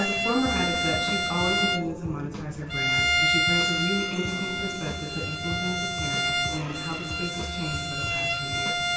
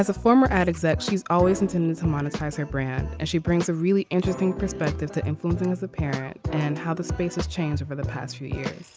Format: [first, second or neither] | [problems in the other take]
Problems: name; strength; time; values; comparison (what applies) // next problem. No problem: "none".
second | background sound (Bowed string instrument); 3 dB above the speech // room echo; dies away in 2.5 s